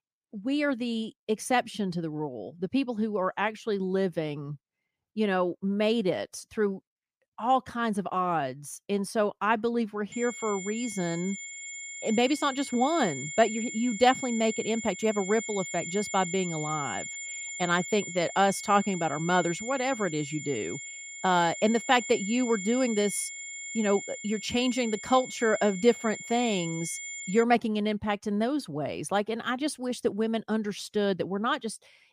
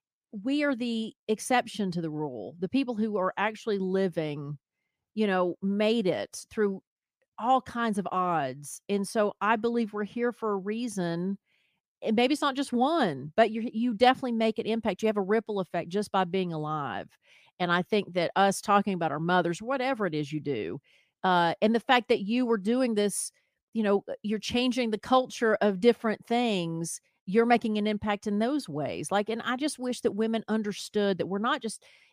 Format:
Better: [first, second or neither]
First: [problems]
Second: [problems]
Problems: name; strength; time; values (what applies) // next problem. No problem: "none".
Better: second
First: high-pitched whine; loud; from 10 to 27 s; 2 kHz, 8 dB below the speech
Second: none